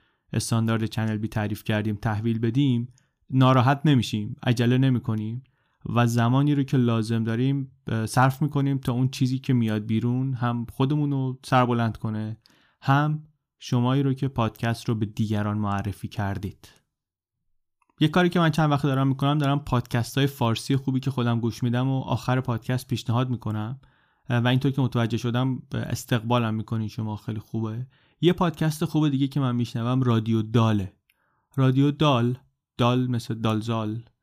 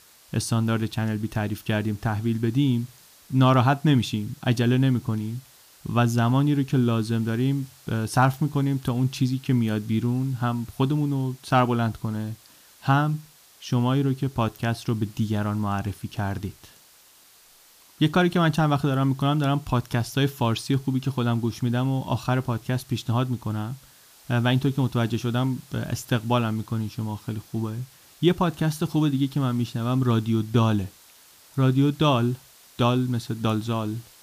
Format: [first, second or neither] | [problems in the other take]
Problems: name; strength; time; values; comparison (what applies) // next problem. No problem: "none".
first | hiss; faint; throughout; 25 dB below the speech